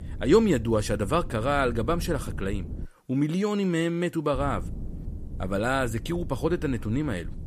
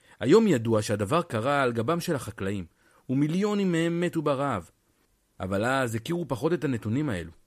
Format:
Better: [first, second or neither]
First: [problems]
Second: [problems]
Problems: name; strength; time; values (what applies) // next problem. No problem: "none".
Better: second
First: low rumble; faint; until 3 s and from 4.5 s on; 20 dB below the speech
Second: none